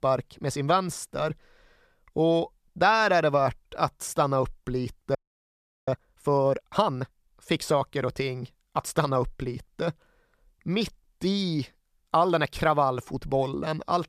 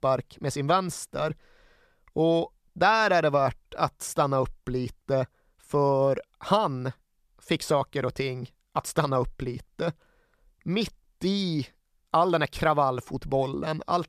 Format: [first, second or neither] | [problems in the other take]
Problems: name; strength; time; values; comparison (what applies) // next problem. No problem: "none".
second | audio freezing; at 5 s for 0.5 s